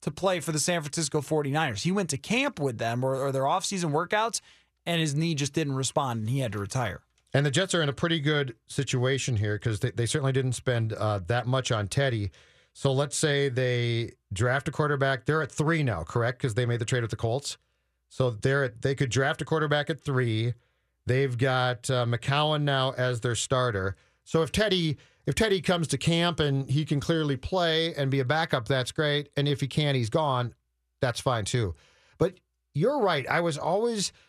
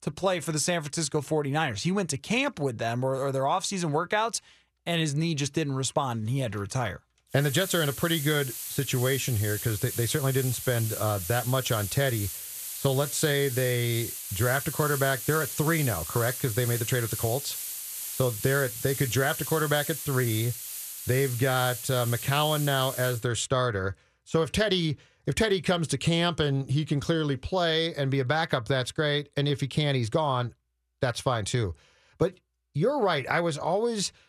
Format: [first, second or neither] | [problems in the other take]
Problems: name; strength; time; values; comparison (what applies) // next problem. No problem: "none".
first | hiss; loud; from 7.5 to 23 s; 6 dB below the speech